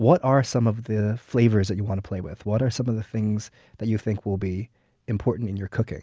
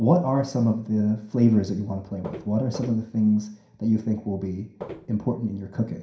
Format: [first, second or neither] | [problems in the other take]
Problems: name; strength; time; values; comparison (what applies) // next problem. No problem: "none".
first | background sound (Walk, footsteps); 12 dB below the speech // room echo; dies away in 0.5 s